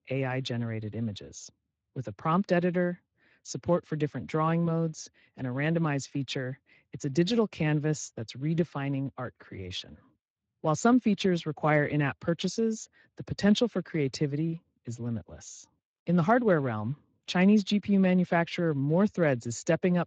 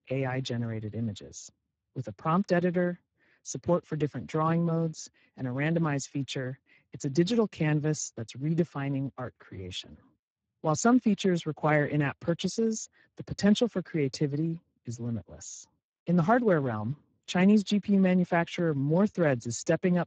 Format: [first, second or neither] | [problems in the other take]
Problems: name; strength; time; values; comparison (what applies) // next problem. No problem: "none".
first | garbled, watery; badly; nothing above 7.5 kHz; slightly in the first